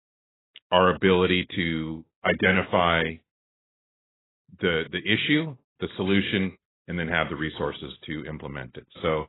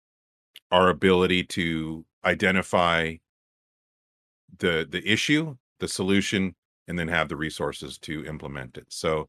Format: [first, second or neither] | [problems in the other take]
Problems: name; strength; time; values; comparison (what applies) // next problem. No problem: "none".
second | garbled, watery; badly; nothing above 4 kHz